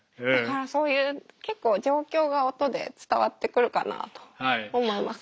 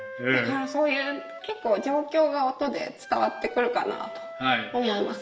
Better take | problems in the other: first | background sound (Wind instrument, woodwind instrument); 15 dB below the speech // room echo; dies away in 0.7 s

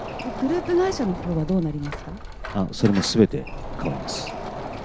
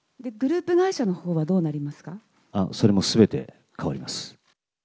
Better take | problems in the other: second | background sound (Door); 8 dB below the speech

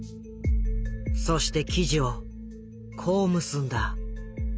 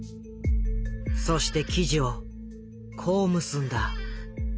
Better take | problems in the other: first | background sound (Squeak); 19 dB below the speech

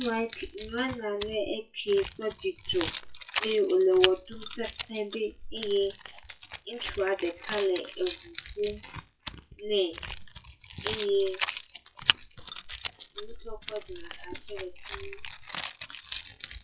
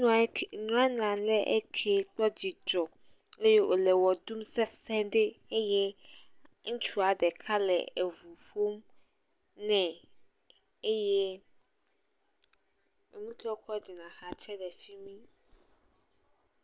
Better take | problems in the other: second | noise reduction (classical method WPE with log-MMSE)

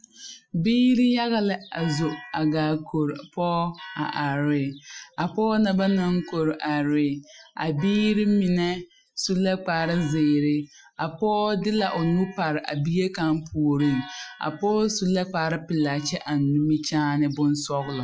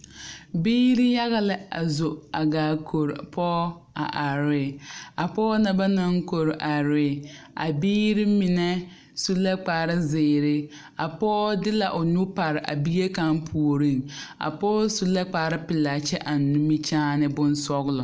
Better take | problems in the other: second | noise reduction (classical method Wiener filter)

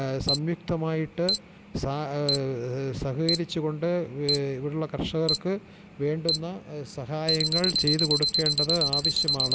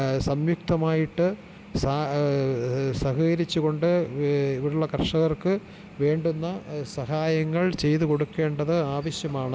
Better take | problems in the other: second | background sound (Alarm); 2 dB below the speech

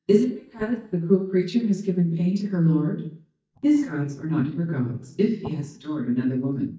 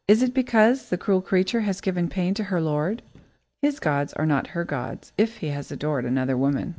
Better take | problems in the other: second | noise reduction (neural mask model DeepFilterNet 3)

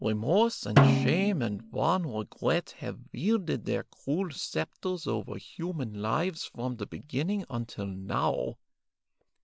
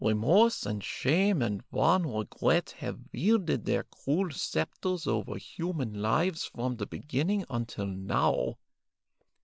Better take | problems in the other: second | background sound (Snare drum); 2 dB above the speech

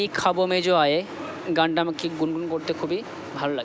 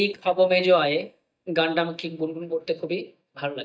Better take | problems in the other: first | noise reduction (neural mask model DeepFilterNet 3)

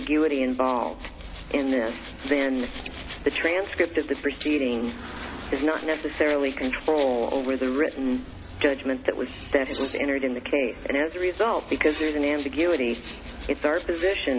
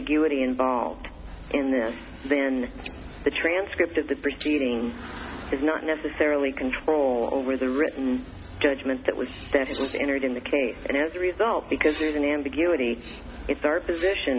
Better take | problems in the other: second | background sound (Rattle (instrument)); 19 dB below the speech

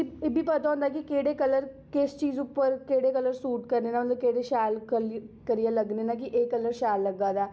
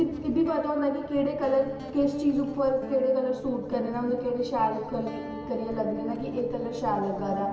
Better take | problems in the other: first | background sound (Guitar); 10 dB below the speech // room echo; dies away in 2.3 s

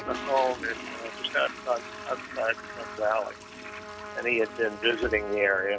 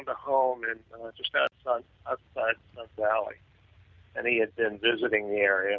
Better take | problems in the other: second | background sound (Trumpet + Toilet flush); 10 dB below the speech

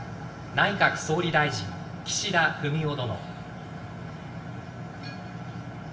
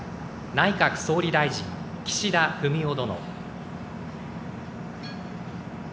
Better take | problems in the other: second | room echo; dies away in 0.1 s

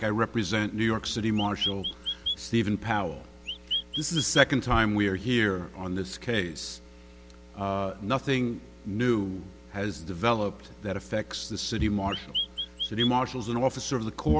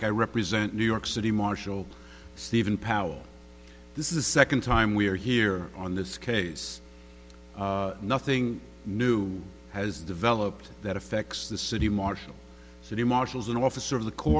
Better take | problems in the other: second | background sound (Chirp, tweet); 4 dB below the speech

